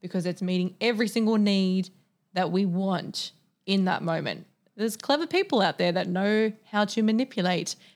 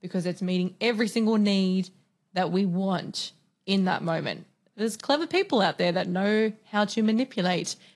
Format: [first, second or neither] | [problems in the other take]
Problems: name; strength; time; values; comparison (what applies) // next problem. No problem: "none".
first | garbled, watery; slightly; nothing above 11.5 kHz